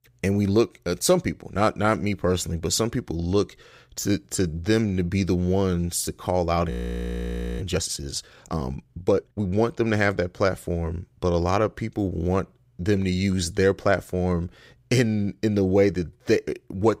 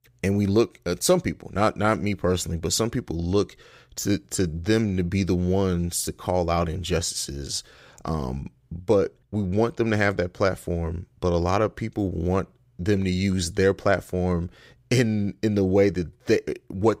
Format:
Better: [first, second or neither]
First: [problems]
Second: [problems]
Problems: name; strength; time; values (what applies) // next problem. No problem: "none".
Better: second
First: audio freezing; at 6.5 s for 1 s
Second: none